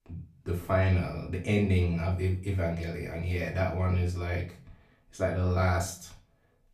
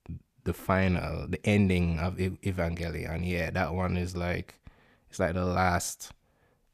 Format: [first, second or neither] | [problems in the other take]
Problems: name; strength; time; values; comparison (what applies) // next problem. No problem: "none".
second | off-mic speech; far // room echo; slight; dies away in 0.3 s